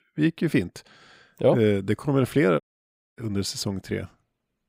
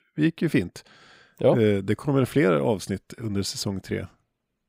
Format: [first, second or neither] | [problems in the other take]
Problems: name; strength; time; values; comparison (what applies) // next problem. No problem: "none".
second | audio cutting out; at 2.5 s for 0.5 s